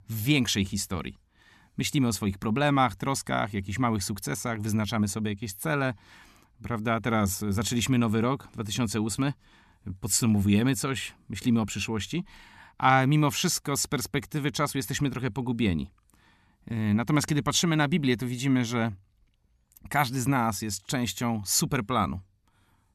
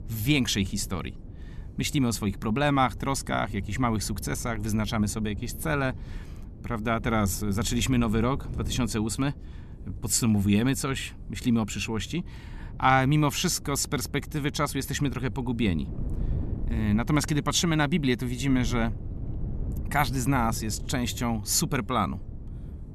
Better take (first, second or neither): first